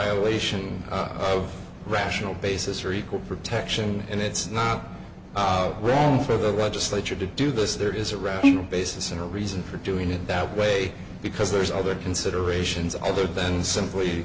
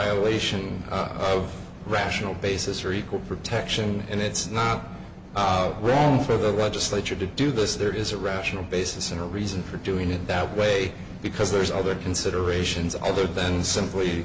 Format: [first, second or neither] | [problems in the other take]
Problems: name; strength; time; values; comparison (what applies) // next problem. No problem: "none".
second | background sound (Bowed string instrument); 2 dB below the speech